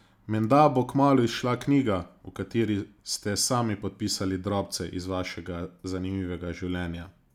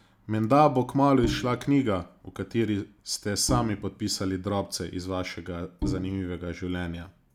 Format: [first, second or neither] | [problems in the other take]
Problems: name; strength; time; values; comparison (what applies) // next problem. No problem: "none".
first | background sound (Bowed string instrument); 8 dB below the speech